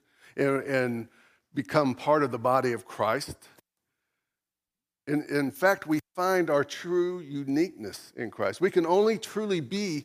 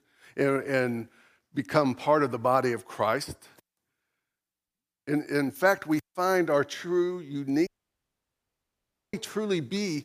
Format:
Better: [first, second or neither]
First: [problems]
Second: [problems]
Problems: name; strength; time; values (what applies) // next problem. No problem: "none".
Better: first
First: none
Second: audio cutting out; at 7.5 s for 1.5 s